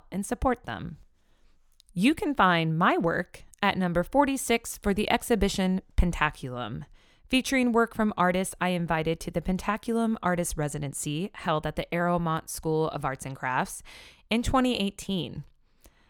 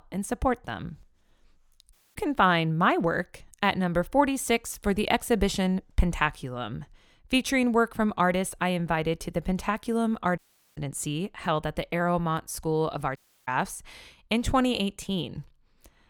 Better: first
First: none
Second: audio cutting out; at 2 s, at 10 s and at 13 s

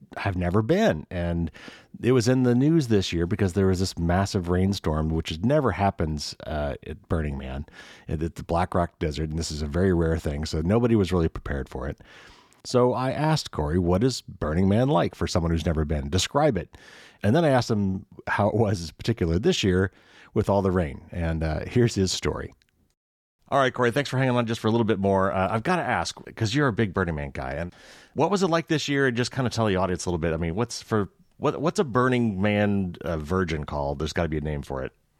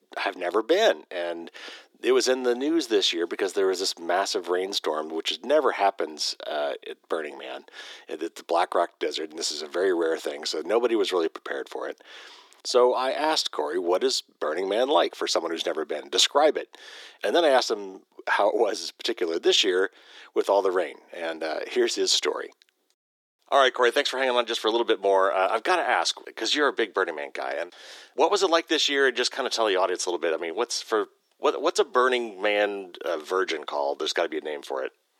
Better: first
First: none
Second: thin; very; fading below 350 Hz

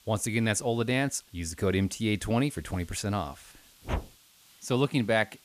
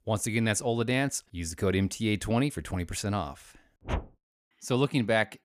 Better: second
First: hiss; faint; throughout; 25 dB below the speech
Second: none

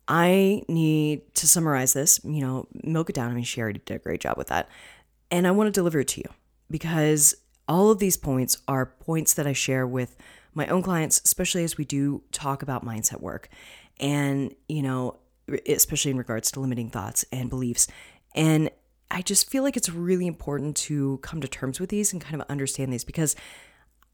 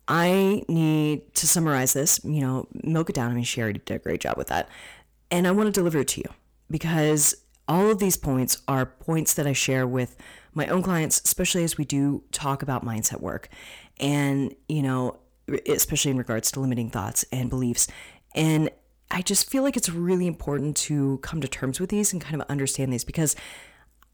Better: first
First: none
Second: distortion; slight; 10 dB below the speech

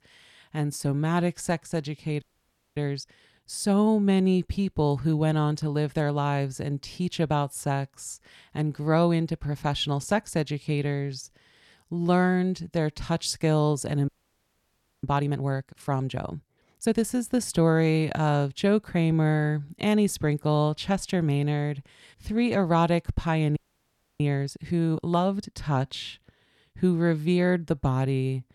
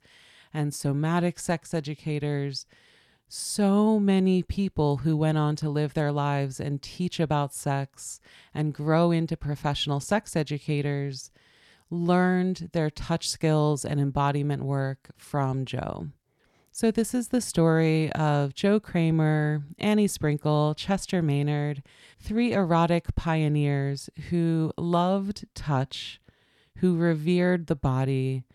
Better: second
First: audio freezing; at 2 s for 0.5 s, at 14 s for 1 s and at 24 s for 0.5 s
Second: none

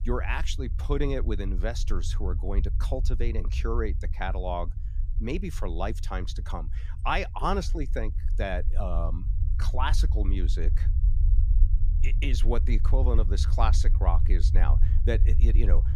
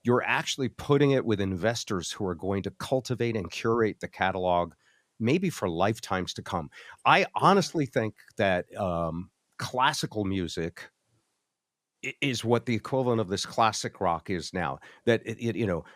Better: second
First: low rumble; noticeable; throughout; 15 dB below the speech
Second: none

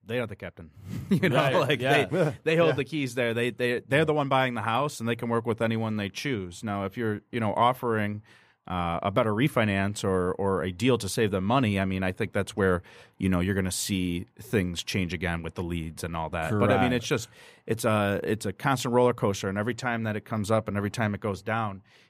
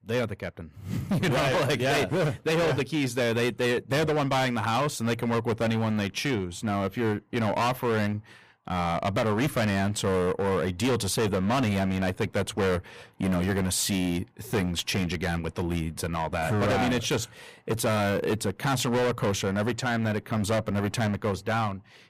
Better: first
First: none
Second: distortion; heavy; 19% of the sound clipped

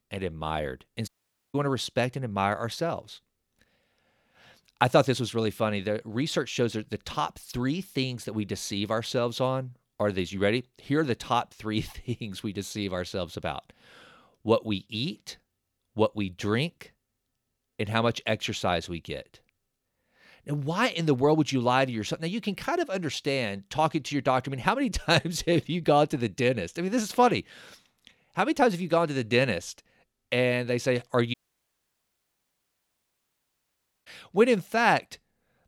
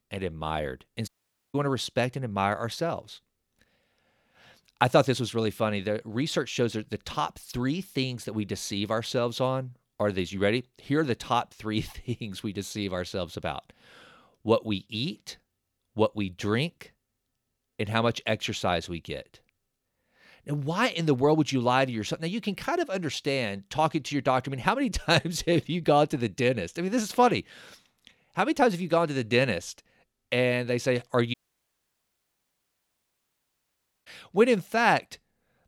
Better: neither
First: audio cutting out; at 1 s and at 31 s for 2.5 s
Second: audio cutting out; at 1 s and at 31 s for 2.5 s

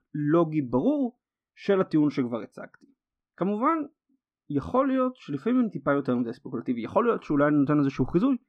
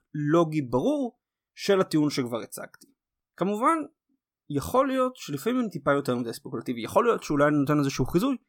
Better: second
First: muffled; slightly; fading above 2.5 kHz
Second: none

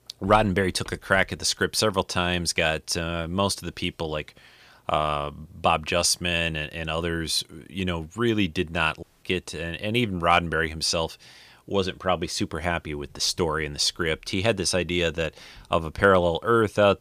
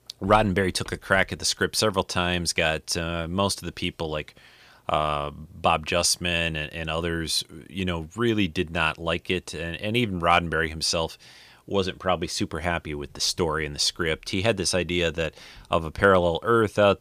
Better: second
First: audio cutting out; at 9 s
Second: none

